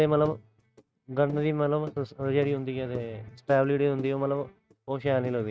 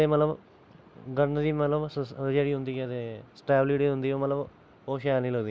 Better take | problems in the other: second | noise reduction (neural mask model RNNoise)

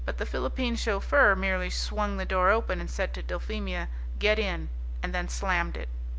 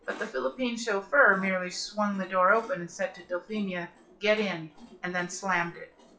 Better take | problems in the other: first | noise reduction (classical method WPE with log-MMSE)

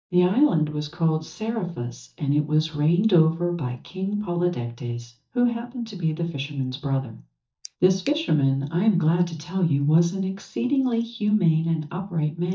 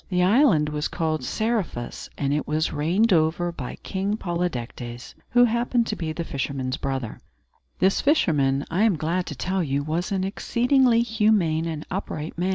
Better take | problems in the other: second | noise reduction (neural mask model DeepFilterNet 3)

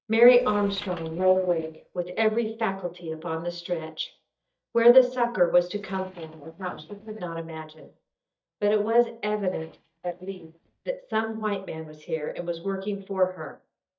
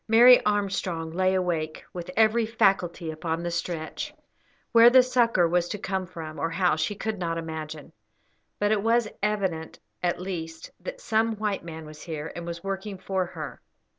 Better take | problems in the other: second | noise reduction (neural mask model DeepFilterNet 3)

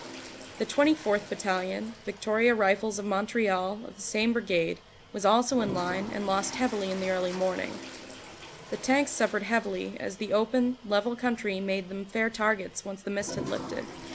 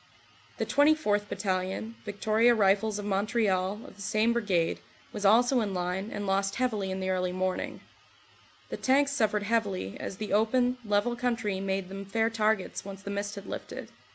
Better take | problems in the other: second | background sound (Toilet flush); 15 dB below the speech

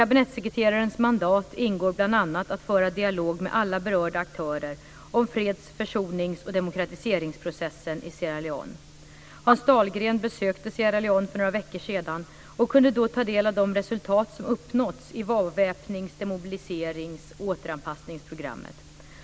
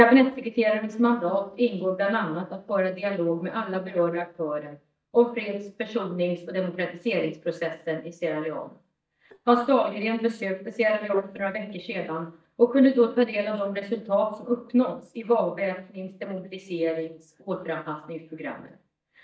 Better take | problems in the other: first | noise reduction (neural mask model DeepFilterNet 3)

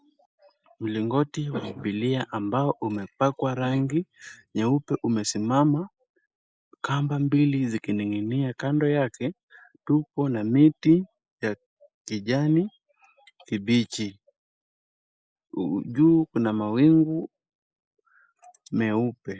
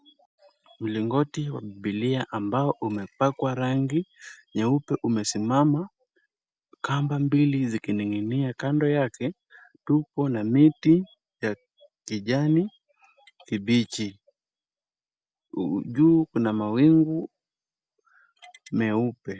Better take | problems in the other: second | noise reduction (neural mask model Resemble Enhance denoiser)

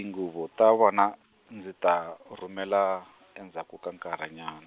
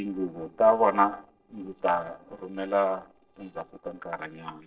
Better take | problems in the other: first | noise reduction (neural separator model SepFormer DNS4)

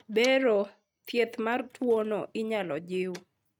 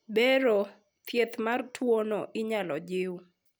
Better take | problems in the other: second | noise reduction (neural mask model RNNoise)

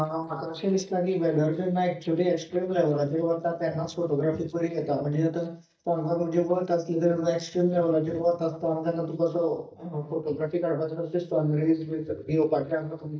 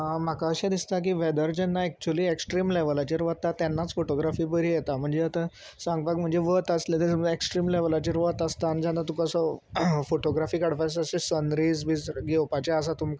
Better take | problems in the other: second | noise reduction (neural mask model DeepFilterNet 3)

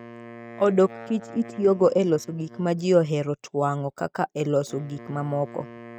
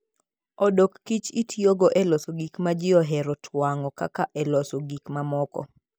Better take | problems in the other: second | noise reduction (neural mask model RNNoise)

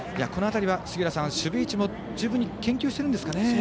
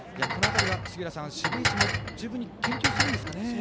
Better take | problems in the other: first | background sound (Dishes, pots, and pans); 5 dB above the speech

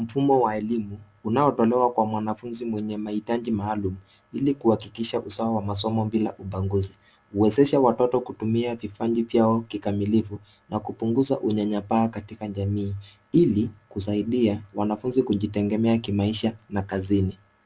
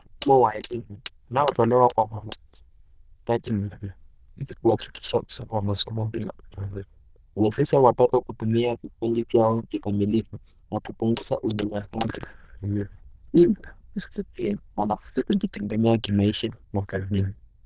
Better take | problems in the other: first | noise reduction (neural diffusion model UNIVERSE++)

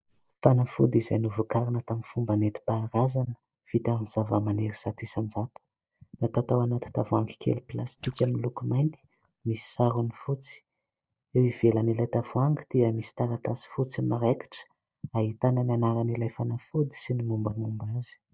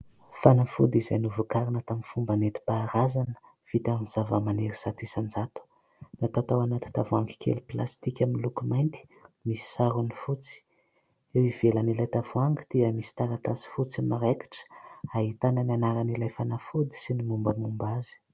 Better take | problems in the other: second | noise reduction (neural mask model DeepFilterNet 3)

